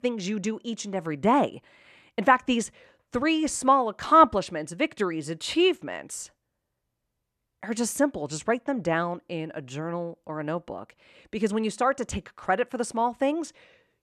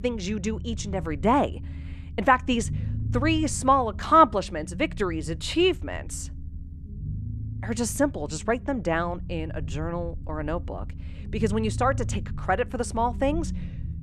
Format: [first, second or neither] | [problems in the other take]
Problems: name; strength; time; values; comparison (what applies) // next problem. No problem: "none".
first | low rumble; faint; throughout; 25 dB below the speech